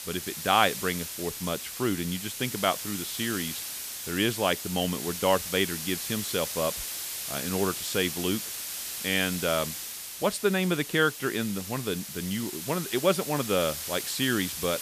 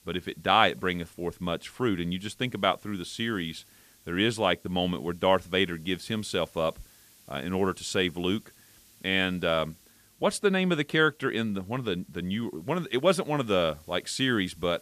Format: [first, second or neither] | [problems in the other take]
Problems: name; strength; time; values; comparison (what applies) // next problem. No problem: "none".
second | hiss; loud; throughout; 5 dB below the speech; faint in the second